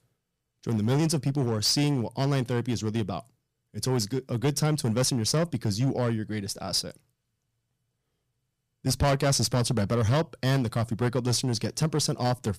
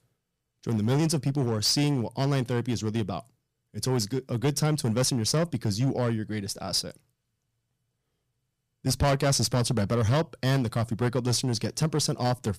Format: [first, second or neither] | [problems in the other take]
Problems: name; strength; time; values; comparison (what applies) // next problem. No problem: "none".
neither | distortion; slight; 7% of the sound clipped; the same in both